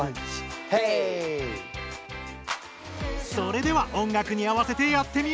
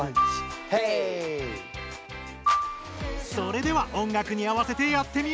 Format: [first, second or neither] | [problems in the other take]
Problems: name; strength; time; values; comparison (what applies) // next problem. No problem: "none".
first | background sound (Marimba, xylophone); 4 dB below the speech